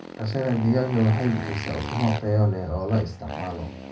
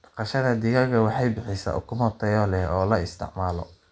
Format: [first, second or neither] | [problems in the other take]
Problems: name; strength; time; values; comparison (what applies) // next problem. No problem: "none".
second | background sound (Motorcycle); 12 dB below the speech // room echo; dies away in 0.4 s